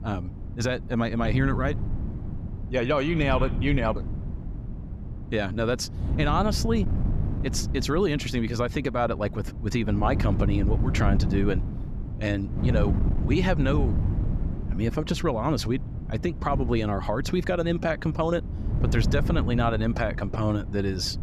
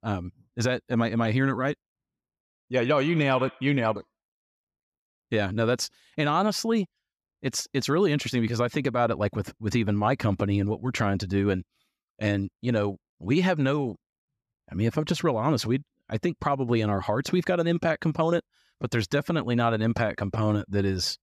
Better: second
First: wind noise on the microphone; occasional gusts; 15 dB below the speech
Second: none

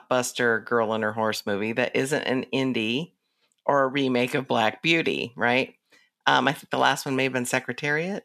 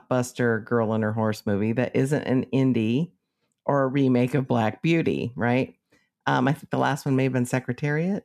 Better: second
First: thin; somewhat; fading below 750 Hz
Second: none

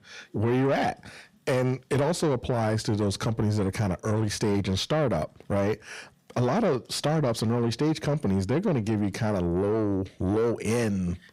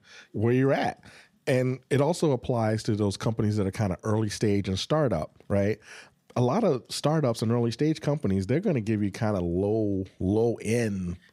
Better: second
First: distortion; slight; 10 dB below the speech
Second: none

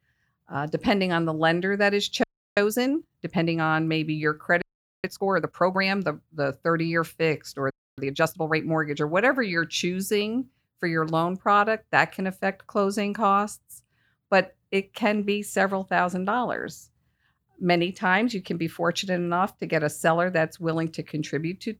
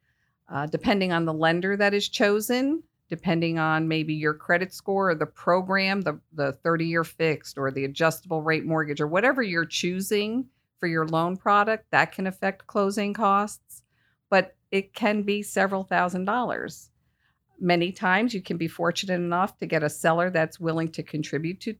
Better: second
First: audio freezing; at 2 s, at 4.5 s and at 7.5 s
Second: none

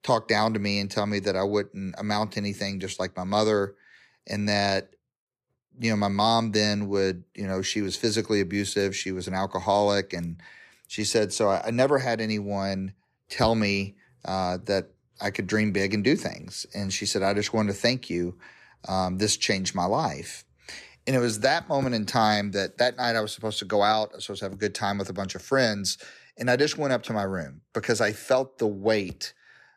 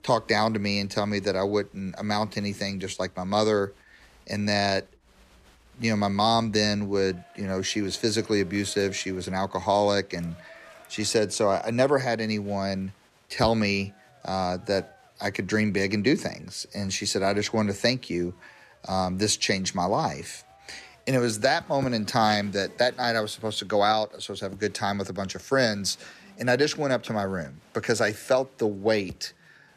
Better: first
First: none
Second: crowd noise; faint; throughout; 30 dB below the speech

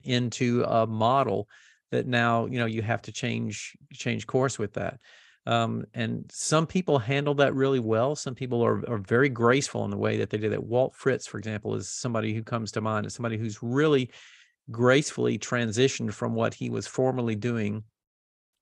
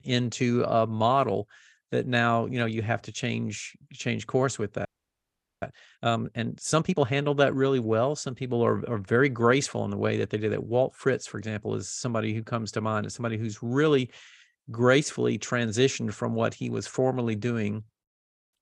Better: first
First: none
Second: audio freezing; at 5 s for 1 s

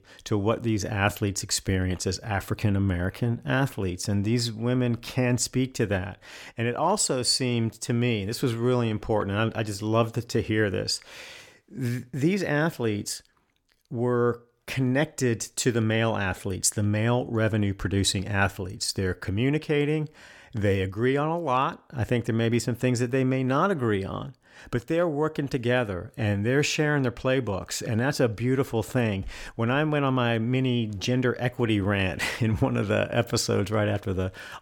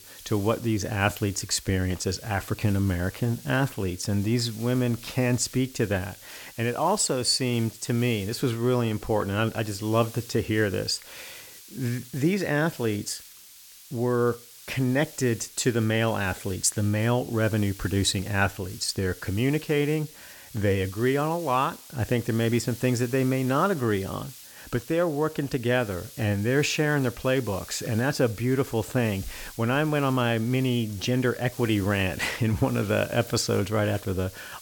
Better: first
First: none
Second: hiss; noticeable; throughout; 15 dB below the speech

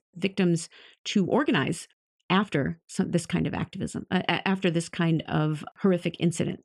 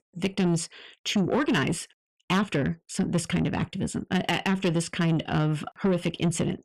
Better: first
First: none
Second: distortion; slight; 10 dB below the speech

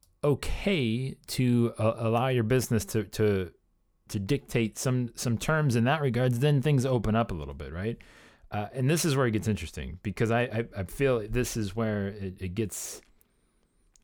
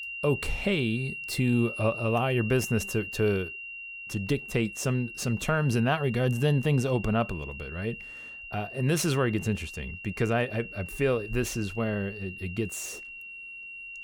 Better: first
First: none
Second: high-pitched whine; loud; throughout; 3 kHz, 9 dB below the speech

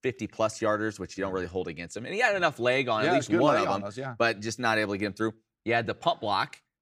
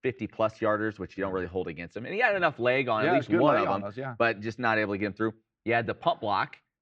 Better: first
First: none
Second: muffled; slightly; fading above 3 kHz

